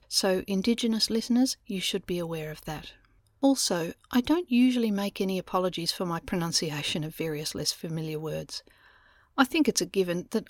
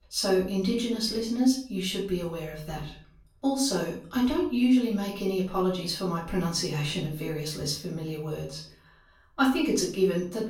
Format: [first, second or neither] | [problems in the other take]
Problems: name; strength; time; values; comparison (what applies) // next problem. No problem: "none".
first | off-mic speech; far // room echo; noticeable; dies away in 0.4 s